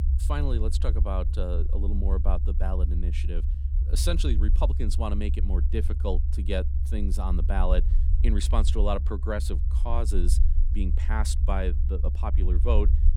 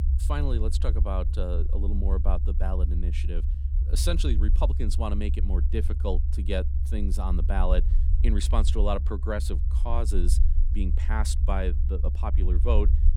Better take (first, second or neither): neither